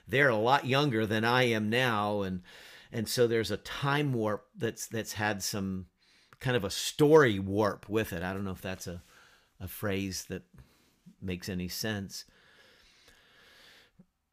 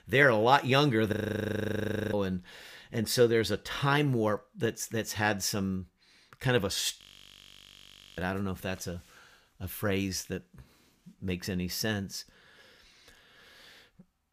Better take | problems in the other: first | audio freezing; at 1 s for 1 s and at 7 s for 1 s

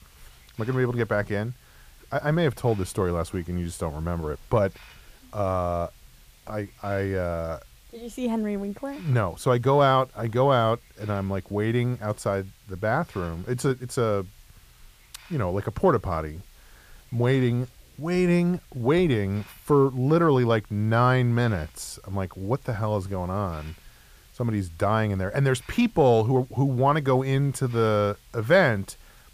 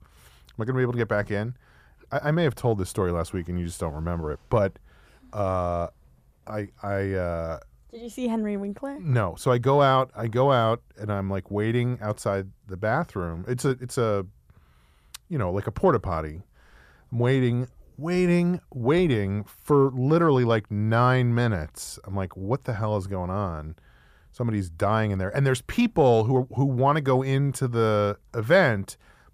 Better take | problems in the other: second | hiss; faint; throughout; 30 dB below the speech

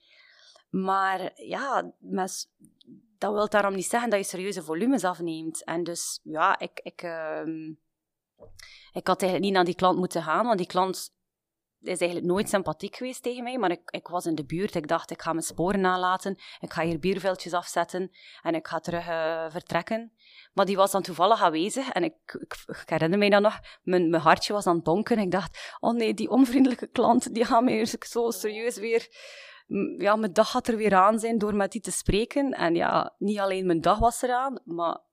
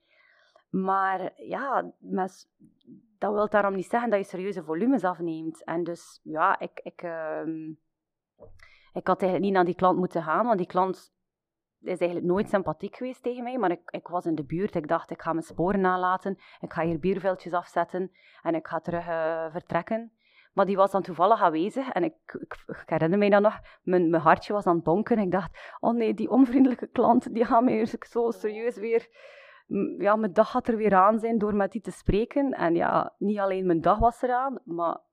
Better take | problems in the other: first | muffled; very; fading above 3 kHz

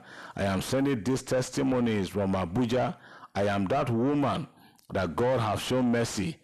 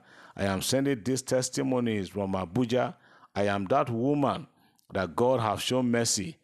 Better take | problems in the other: second | distortion; heavy; 7 dB below the speech

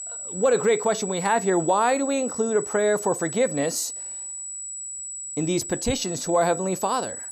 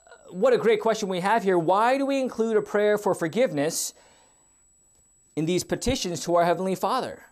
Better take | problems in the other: second | high-pitched whine; loud; throughout; 8 kHz, 8 dB below the speech; faint in the second

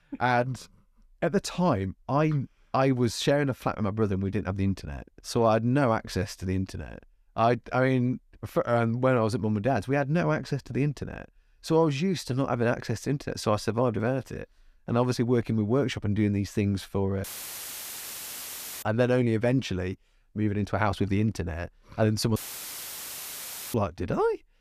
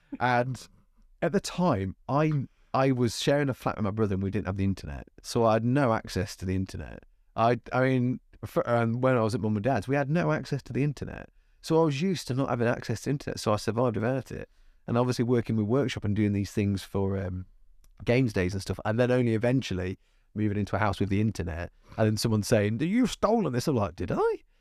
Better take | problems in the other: second | audio cutting out; filled with static; at 17 s for 1.5 s and at 22 s for 1.5 s

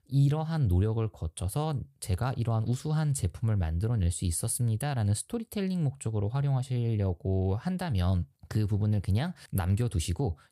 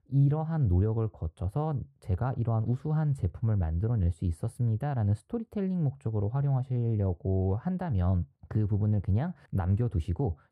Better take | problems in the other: first | muffled; very; fading above 2.5 kHz

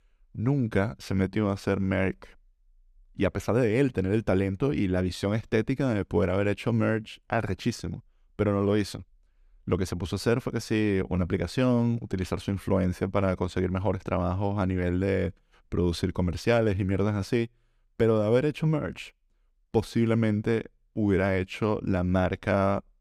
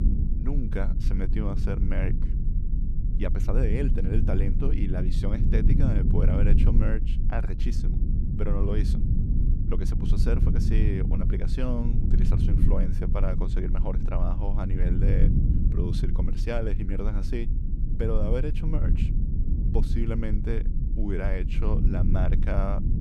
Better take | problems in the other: first | low rumble; loud; throughout; 4 dB below the speech

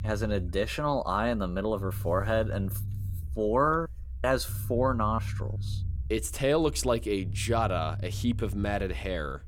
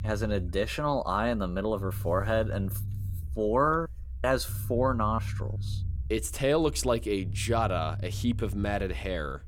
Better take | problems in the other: neither | low rumble; faint; throughout; 20 dB below the speech; the same in both

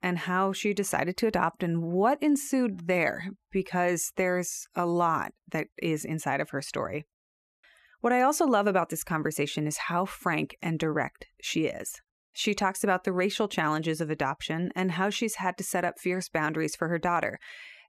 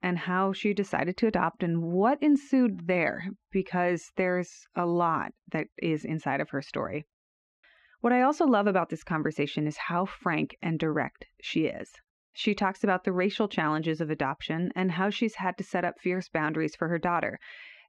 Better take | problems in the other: first | muffled; slightly; fading above 4 kHz

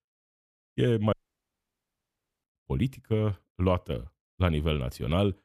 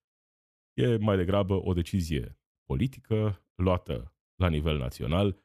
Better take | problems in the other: second | audio cutting out; at 1 s for 1.5 s

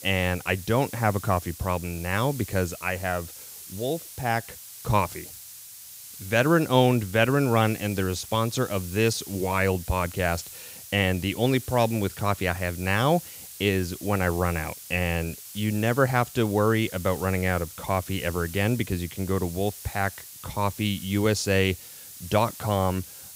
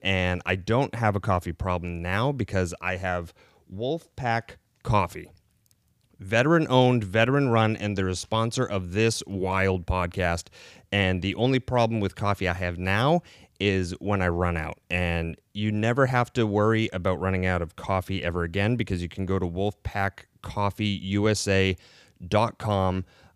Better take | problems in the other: second | hiss; noticeable; throughout; 15 dB below the speech

